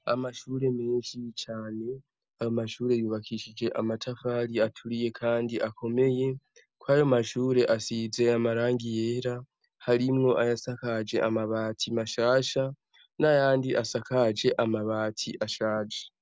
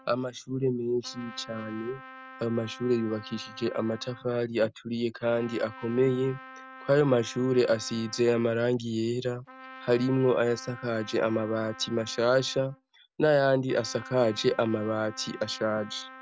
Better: first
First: none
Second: background sound (Trumpet); 19 dB below the speech

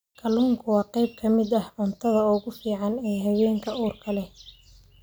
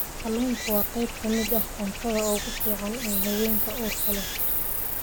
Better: first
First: none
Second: background sound (Stream); 1 dB above the speech

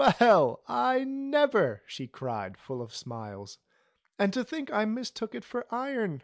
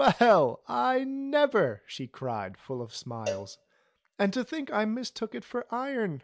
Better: first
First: none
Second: background sound (Cowbell); 13 dB below the speech

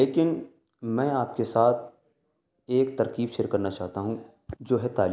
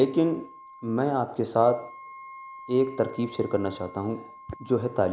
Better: first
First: none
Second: background sound (Wind instrument, woodwind instrument); 19 dB below the speech

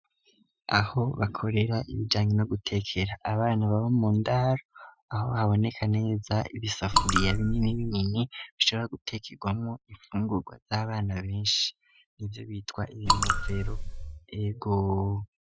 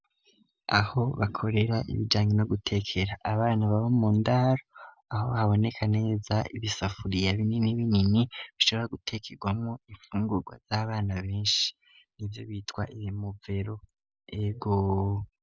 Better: second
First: noise reduction (classical method Wiener filter)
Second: none

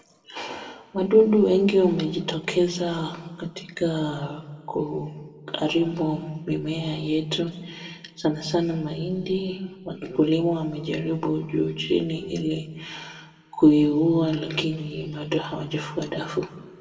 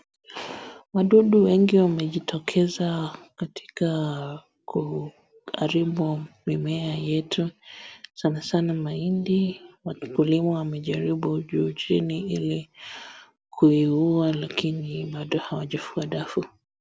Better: second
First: room echo; dies away in 1.1 s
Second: none

